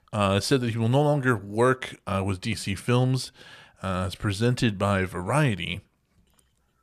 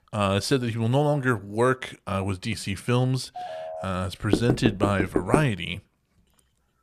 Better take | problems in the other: first | phone ringing; noticeable; at 3.5 s; peak 9 dB below the speech // door banging; loud; from 4.5 to 5.5 s; peak 1 dB above the speech

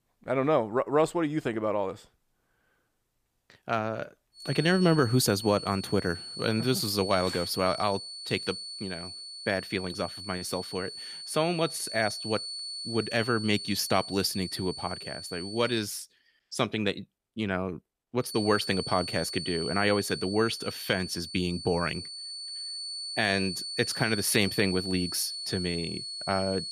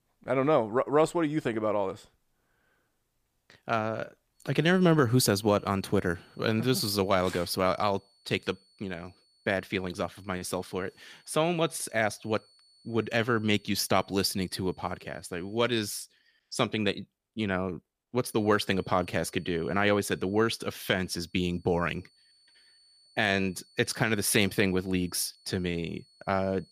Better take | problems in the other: second | high-pitched whine; loud; from 4.5 to 16 s and from 18 s on; 4.5 kHz, 7 dB below the speech; faint in the second

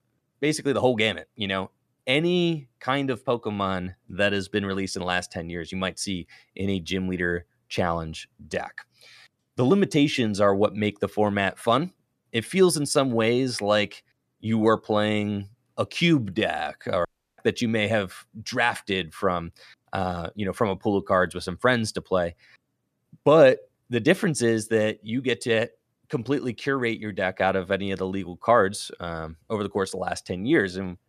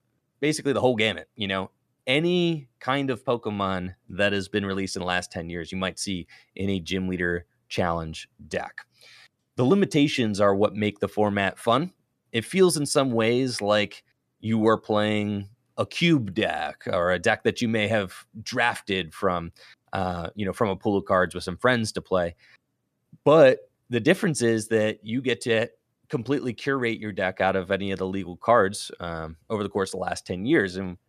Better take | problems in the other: second | audio cutting out; at 17 s

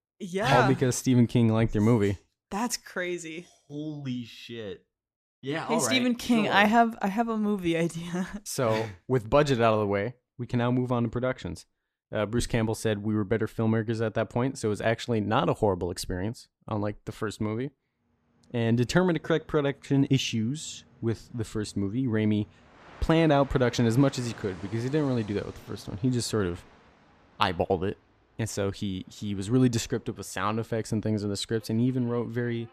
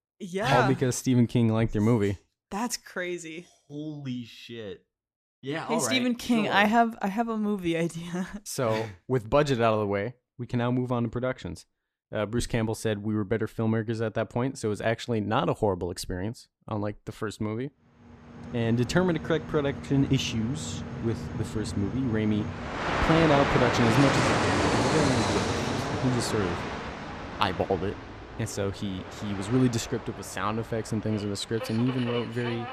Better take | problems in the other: first | train or aircraft noise; loud; from 18 s on; 2 dB below the speech; faint in the first

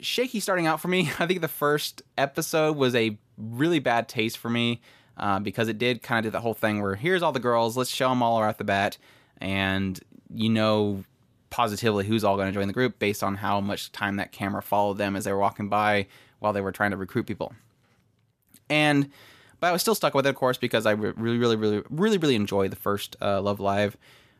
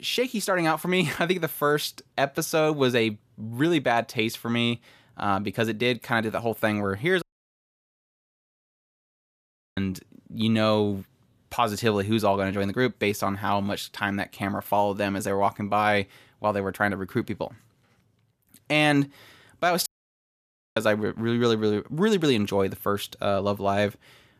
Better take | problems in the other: first | audio cutting out; at 7 s for 2.5 s and at 20 s for 1 s

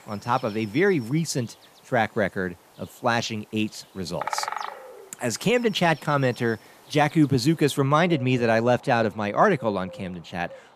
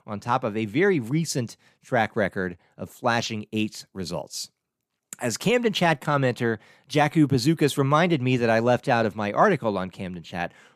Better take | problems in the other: second | animal sounds; noticeable; throughout; 15 dB below the speech

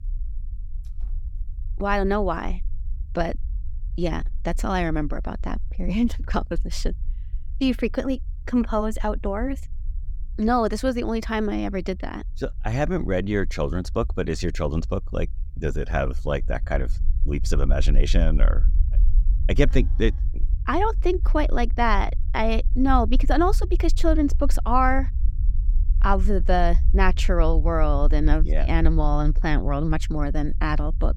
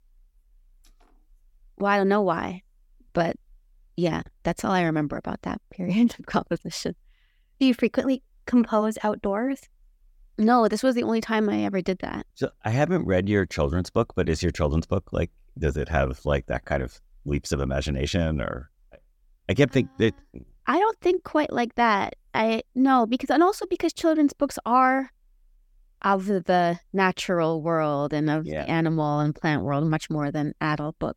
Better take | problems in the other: second | low rumble; faint; throughout; 25 dB below the speech

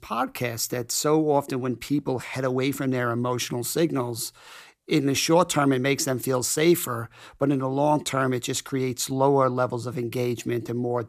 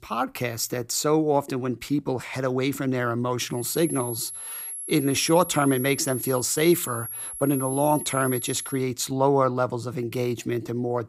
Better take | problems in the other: first | high-pitched whine; loud; from 3.5 to 9 s; 11.5 kHz, 7 dB below the speech

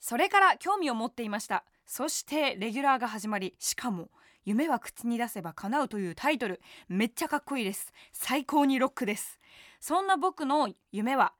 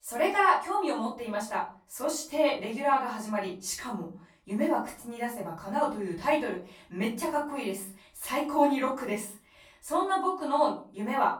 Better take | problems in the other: first | off-mic speech; far // room echo; slight; dies away in 0.4 s

